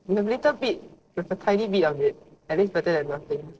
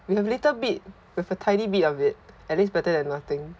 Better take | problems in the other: second | noise reduction (neural separator model SepFormer DNS4)

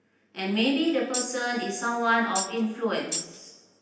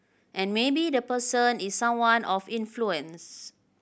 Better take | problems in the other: second | background sound (Tambourine); 6 dB below the speech // room echo; dies away in 0.9 s

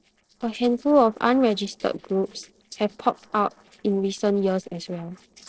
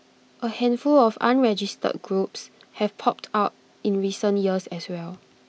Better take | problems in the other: second | noise reduction (neural separator model SepFormer DNS4)

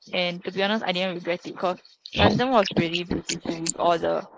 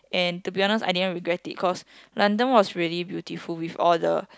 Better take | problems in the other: second | noise reduction (neural mask model Resemble Enhance denoiser)

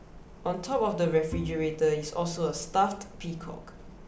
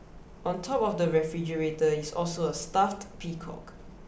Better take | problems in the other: second | background sound (Bowed string instrument); 12 dB below the speech

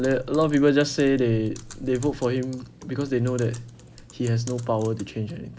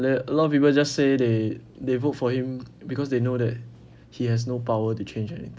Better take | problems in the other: second | background sound (Typing); 19 dB below the speech

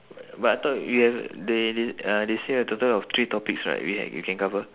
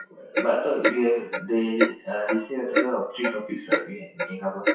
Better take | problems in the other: first | noise reduction (classical method WPE with log-MMSE)

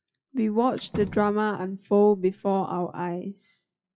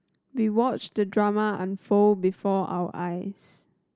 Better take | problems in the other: second | noise reduction (classical method WPE with log-MMSE)

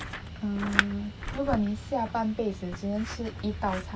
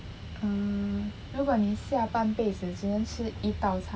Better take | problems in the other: second | background sound (Scissors); 6 dB below the speech

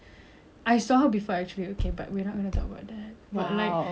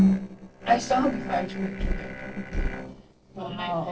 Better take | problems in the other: first | noise reduction (neural separator model SepFormer DNS4)

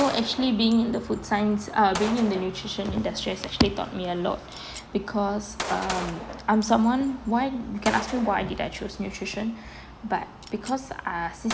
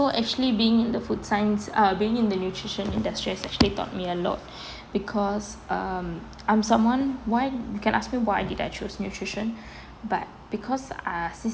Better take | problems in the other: second | background sound (Gunshot, gunfire); 13 dB below the speech

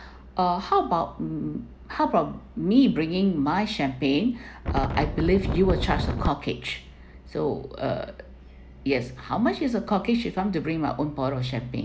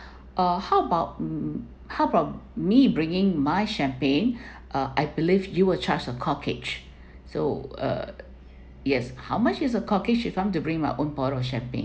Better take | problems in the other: second | background sound (Wind); 1 dB below the speech

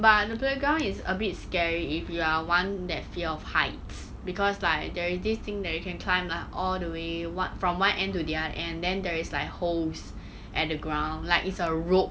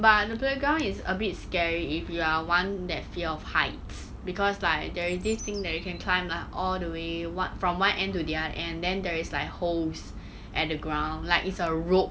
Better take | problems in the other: first | background sound (Bird); 17 dB below the speech

